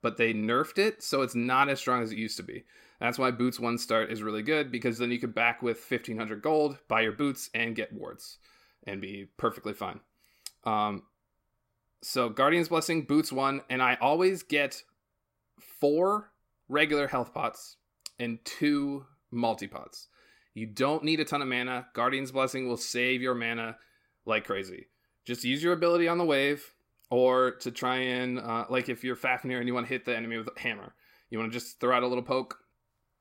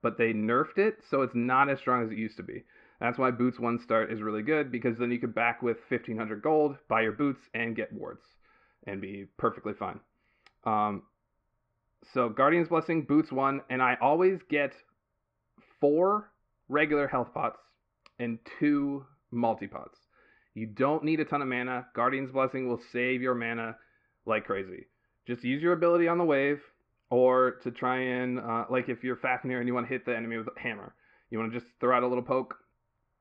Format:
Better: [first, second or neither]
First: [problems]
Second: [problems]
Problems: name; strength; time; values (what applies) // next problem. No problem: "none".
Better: first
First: none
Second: muffled; very; fading above 2 kHz